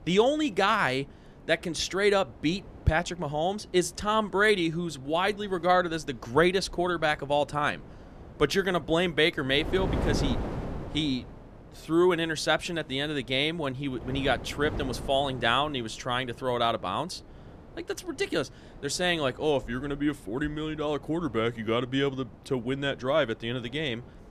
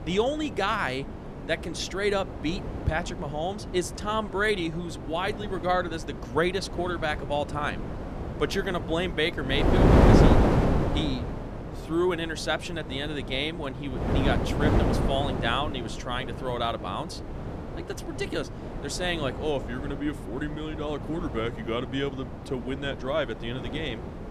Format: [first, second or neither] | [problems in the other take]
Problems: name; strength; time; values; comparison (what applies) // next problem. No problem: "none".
first | wind noise on the microphone; heavy; 4 dB below the speech; occasional gusts in the first